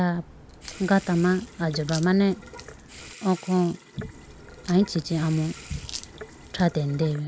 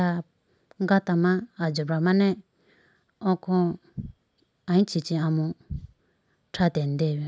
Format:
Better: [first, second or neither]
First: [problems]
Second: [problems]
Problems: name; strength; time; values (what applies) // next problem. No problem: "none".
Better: second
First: background sound (Crack + Sink (filling or washing) / Water tap, faucet); 16 dB below the speech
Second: none